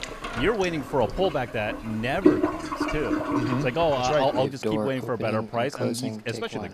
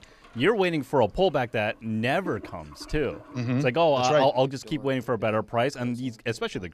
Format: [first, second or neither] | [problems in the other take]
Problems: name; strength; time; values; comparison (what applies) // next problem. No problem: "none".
second | household noises; loud; throughout; 3 dB below the speech; faint in the second